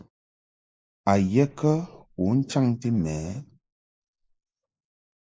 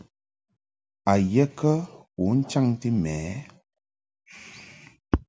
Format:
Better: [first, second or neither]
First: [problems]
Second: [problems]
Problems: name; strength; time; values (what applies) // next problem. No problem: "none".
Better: second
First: noise reduction (neural mask model Resemble Enhance denoiser)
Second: none